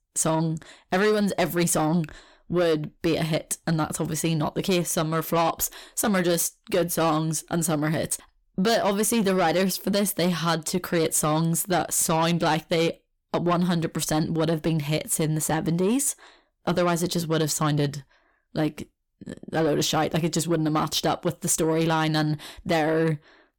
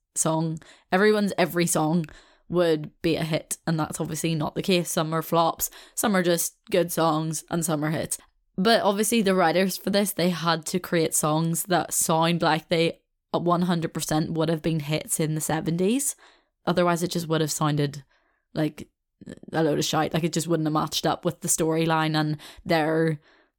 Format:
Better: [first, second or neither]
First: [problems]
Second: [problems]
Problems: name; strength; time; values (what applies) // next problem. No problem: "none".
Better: second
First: distortion; slight; 10 dB below the speech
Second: none